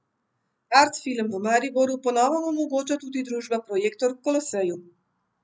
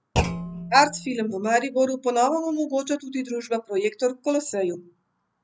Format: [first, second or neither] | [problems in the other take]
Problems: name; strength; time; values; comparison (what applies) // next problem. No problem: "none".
first | background sound (Thump, thud); 8 dB below the speech